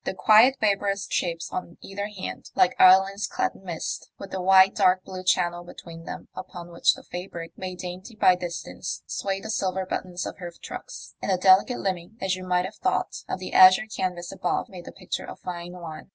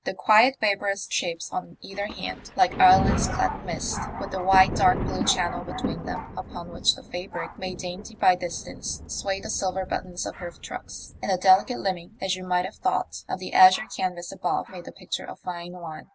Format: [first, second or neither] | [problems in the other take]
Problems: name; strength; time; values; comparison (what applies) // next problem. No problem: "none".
first | background sound (Thunder); 9 dB below the speech